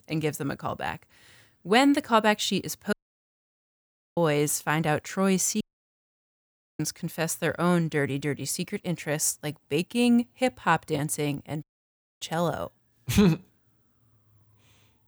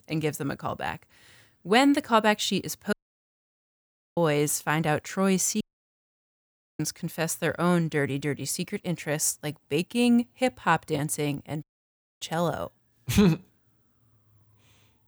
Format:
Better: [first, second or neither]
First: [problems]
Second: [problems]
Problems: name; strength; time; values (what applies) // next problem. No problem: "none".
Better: neither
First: audio cutting out; at 3 s for 1 s, at 5.5 s for 1 s and at 12 s for 0.5 s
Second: audio cutting out; at 3 s for 1 s, at 5.5 s for 1 s and at 12 s for 0.5 s